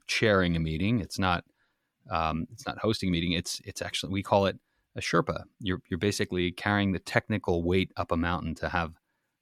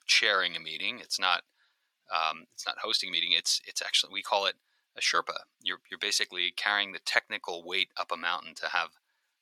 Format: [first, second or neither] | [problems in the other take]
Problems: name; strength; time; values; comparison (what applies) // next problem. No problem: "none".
first | thin; very; fading below 850 Hz